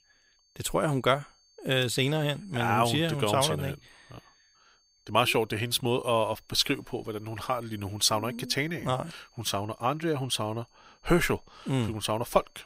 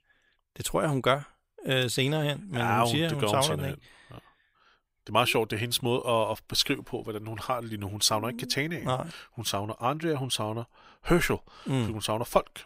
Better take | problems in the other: second | high-pitched whine; faint; throughout; 4.5 kHz, 35 dB below the speech

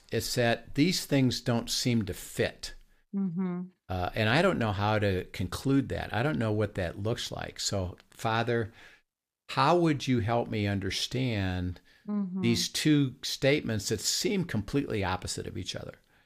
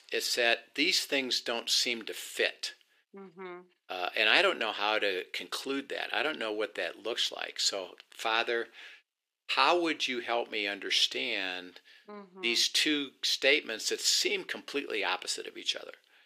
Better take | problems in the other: first | thin; somewhat; fading below 350 Hz

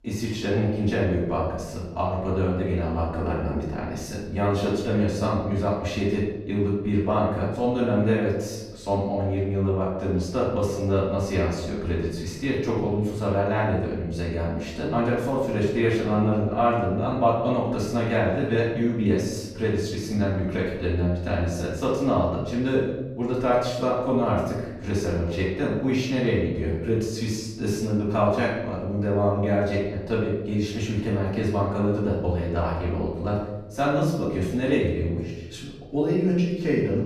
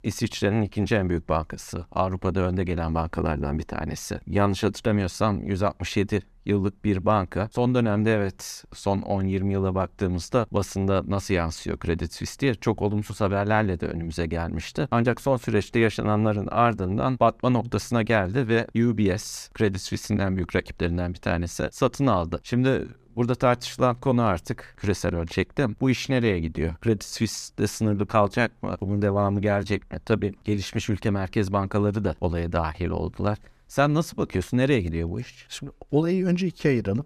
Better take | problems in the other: second | off-mic speech; far // room echo; noticeable; dies away in 0.9 s

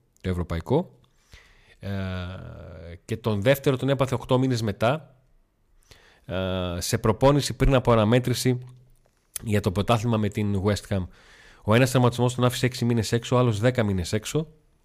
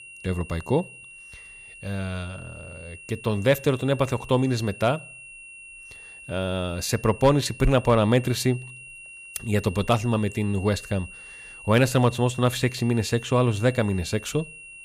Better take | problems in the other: first | high-pitched whine; noticeable; throughout; 2.5 kHz, 15 dB below the speech

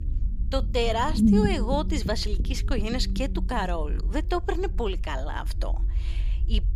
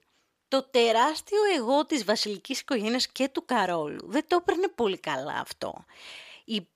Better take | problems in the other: second | low rumble; loud; throughout; 6 dB below the speech

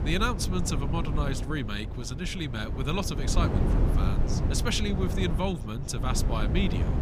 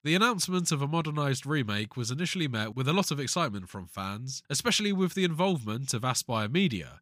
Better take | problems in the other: second | wind noise on the microphone; heavy; 6 dB below the speech

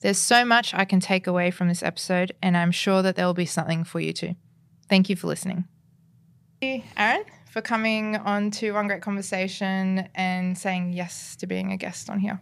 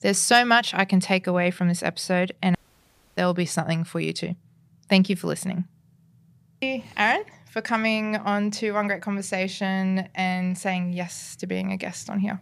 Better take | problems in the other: first | audio cutting out; at 2.5 s for 0.5 s

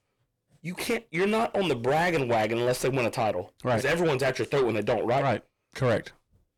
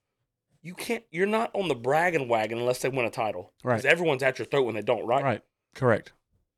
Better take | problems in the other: second | distortion; heavy; 6 dB below the speech

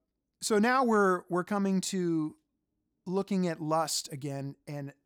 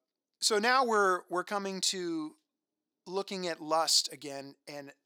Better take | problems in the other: first | thin; somewhat; fading below 400 Hz

